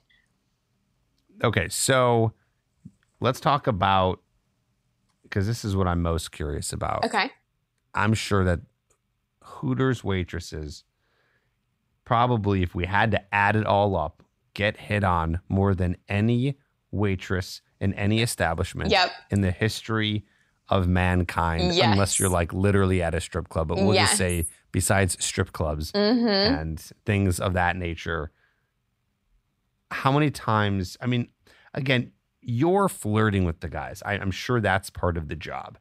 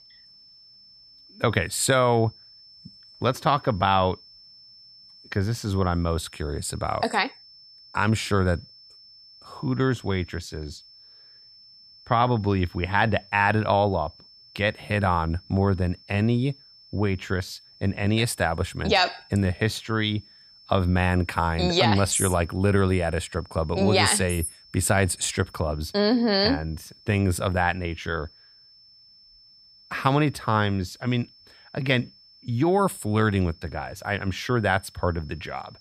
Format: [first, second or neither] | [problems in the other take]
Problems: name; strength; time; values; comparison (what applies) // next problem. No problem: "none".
first | high-pitched whine; faint; throughout; 5.5 kHz, 25 dB below the speech